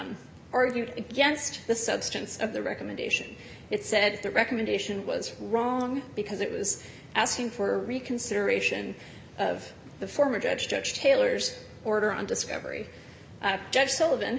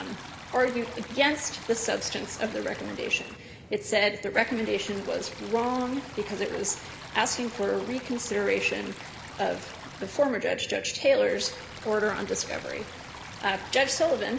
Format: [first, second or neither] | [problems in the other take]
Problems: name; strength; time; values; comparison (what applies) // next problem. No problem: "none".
first | background sound (Stream); 15 dB below the speech